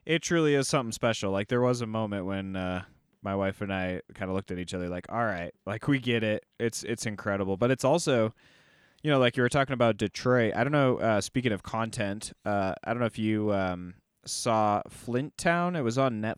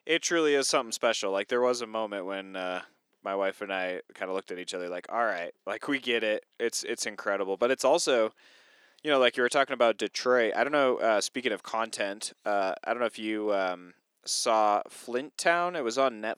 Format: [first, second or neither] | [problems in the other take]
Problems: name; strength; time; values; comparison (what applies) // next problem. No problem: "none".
first | thin; somewhat; fading below 350 Hz